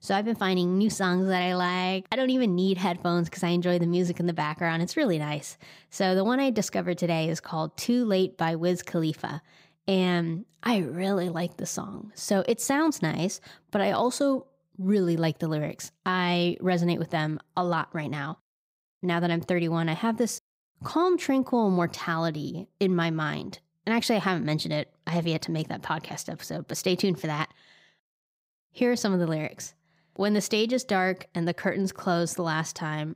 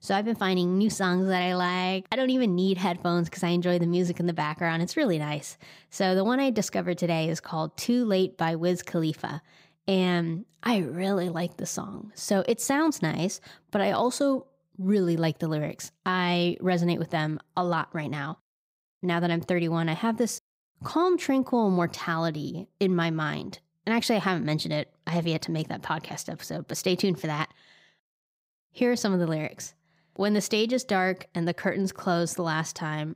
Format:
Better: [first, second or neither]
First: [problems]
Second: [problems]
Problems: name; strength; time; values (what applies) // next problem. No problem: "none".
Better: neither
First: none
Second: none